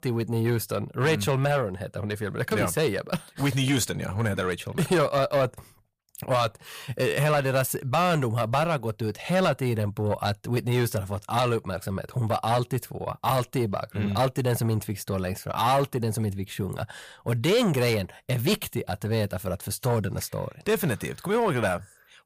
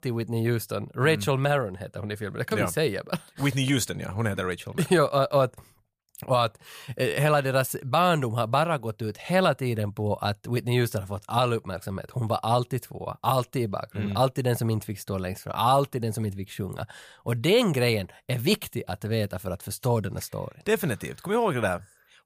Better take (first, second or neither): second